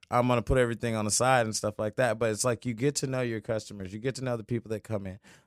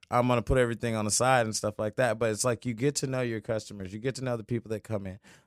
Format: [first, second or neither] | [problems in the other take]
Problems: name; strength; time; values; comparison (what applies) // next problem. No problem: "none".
neither | none